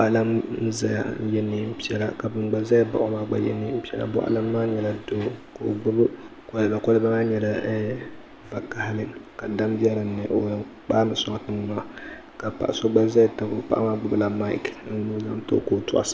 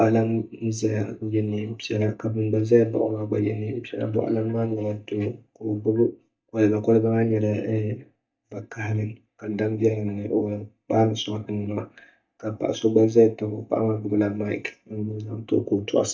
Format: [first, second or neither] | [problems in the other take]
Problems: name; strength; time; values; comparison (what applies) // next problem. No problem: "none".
first | noise reduction (neural mask model DeepFilterNet 3)